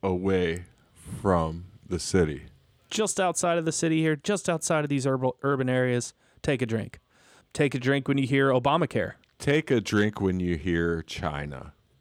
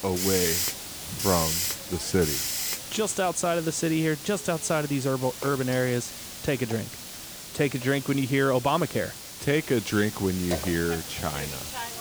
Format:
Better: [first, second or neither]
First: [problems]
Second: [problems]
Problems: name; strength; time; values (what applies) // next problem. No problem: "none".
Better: first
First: none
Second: hiss; loud; throughout; 5 dB below the speech